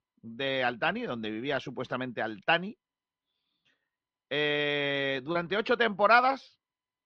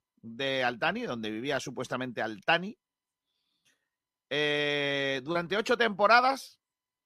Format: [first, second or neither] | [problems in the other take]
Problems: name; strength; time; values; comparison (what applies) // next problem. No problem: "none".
second | muffled; very slightly; fading above 4 kHz